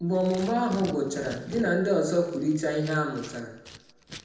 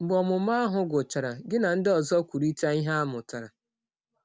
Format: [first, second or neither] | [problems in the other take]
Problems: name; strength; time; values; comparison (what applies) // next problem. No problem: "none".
second | background sound (Scissors); 18 dB below the speech // room echo; dies away in 0.8 s